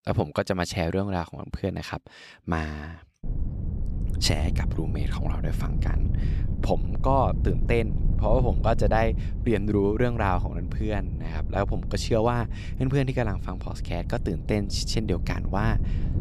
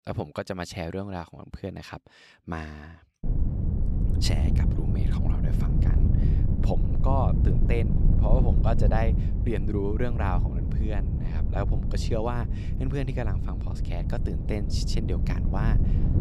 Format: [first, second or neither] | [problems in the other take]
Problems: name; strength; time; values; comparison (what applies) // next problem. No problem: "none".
first | wind noise on the microphone; heavy; from 3 s on; 5 dB below the speech; occasional gusts in the first